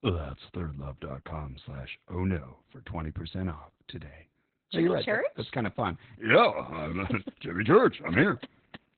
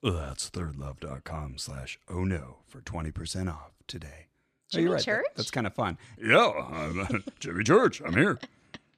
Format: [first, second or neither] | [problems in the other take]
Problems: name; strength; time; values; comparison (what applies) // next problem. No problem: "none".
second | garbled, watery; badly; nothing above 4 kHz